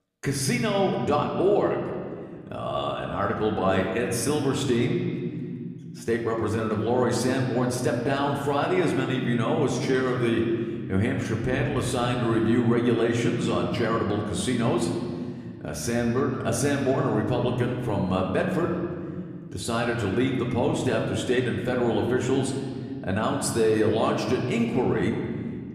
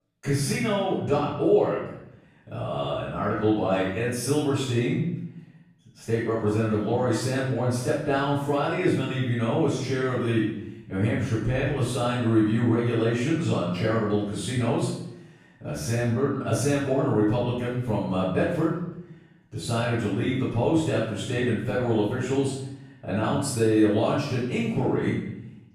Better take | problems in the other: first | room echo; strong; dies away in 0.8 s; slight in the first // off-mic speech; far; somewhat distant in the first

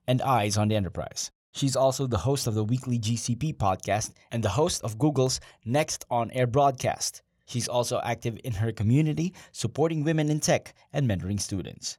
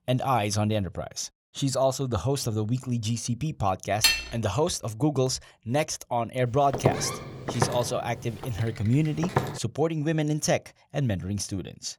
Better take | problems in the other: first | clattering dishes; loud; at 4 s; peak 6 dB above the speech // footsteps; loud; from 6.5 to 9.5 s; peak level with the speech

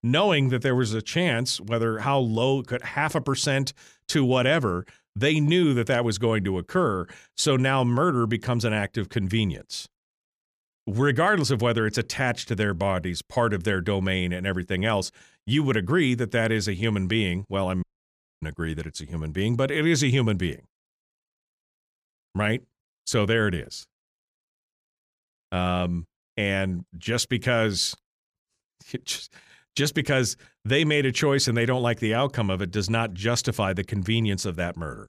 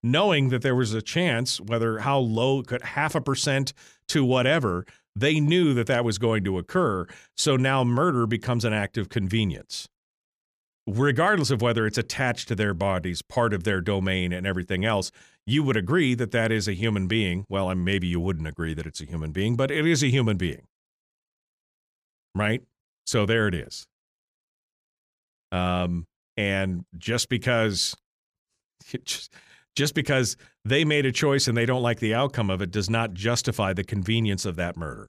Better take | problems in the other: second | audio cutting out; at 18 s for 0.5 s

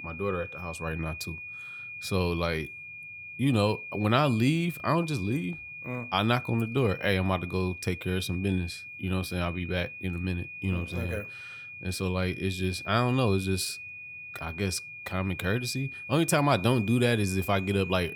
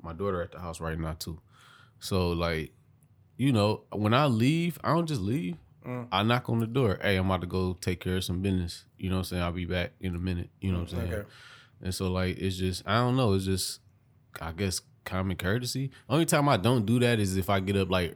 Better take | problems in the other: second | high-pitched whine; noticeable; throughout; 2.5 kHz, 10 dB below the speech

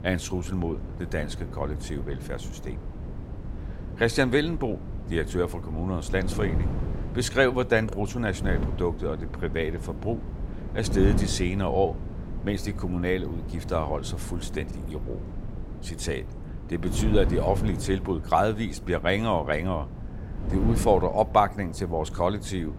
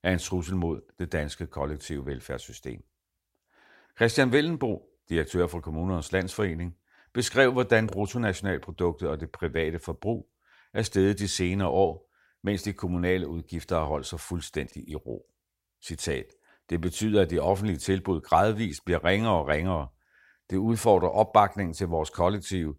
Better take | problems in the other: second | wind noise on the microphone; occasional gusts; 15 dB below the speech

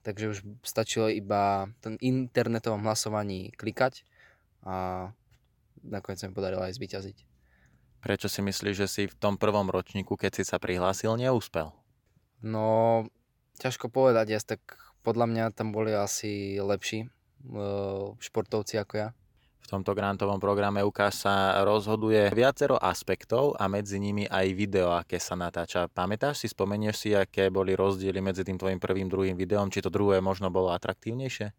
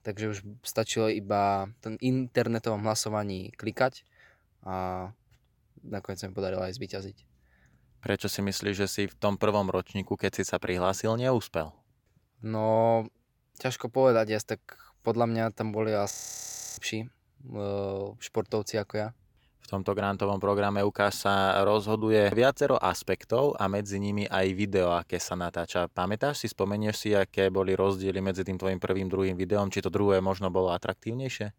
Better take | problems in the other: first | audio freezing; at 16 s for 0.5 s

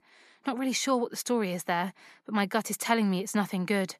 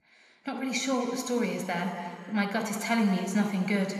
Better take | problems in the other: first | room echo; noticeable; dies away in 2.2 s

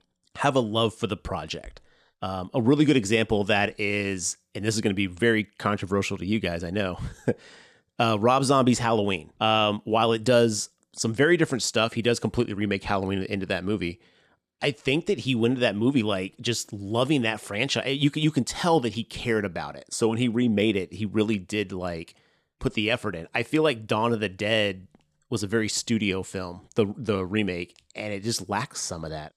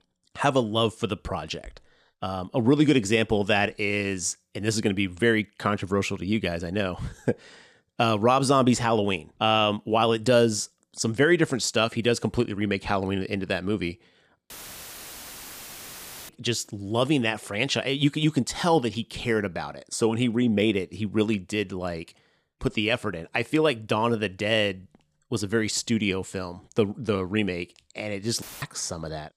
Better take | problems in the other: first | audio cutting out; filled with static; at 15 s for 2 s and at 28 s

